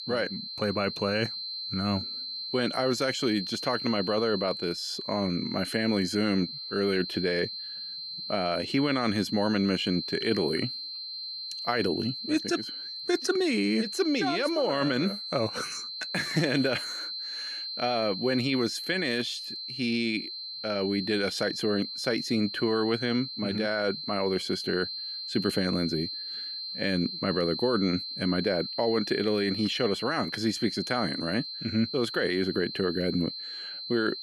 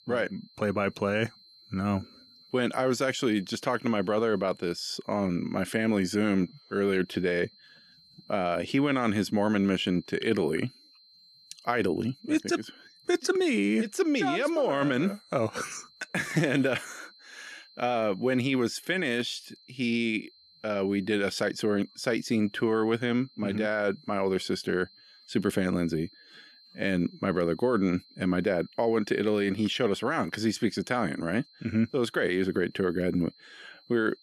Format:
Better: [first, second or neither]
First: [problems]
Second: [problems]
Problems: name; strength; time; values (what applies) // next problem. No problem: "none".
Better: second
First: high-pitched whine; loud; throughout; 4 kHz, 5 dB below the speech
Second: high-pitched whine; faint; throughout; 4 kHz, 25 dB below the speech